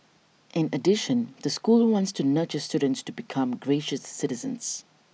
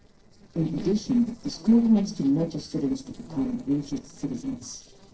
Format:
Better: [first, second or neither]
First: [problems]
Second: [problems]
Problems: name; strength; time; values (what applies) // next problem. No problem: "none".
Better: first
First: none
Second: noise reduction (neural separator model SepFormer DNS4)